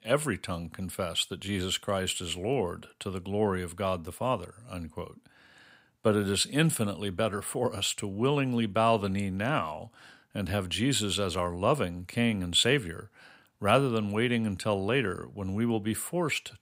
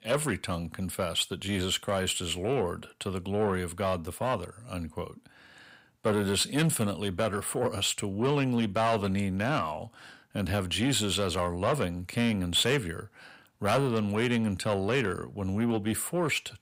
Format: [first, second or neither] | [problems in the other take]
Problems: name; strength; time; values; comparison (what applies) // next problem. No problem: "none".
first | distortion; slight; 10 dB below the speech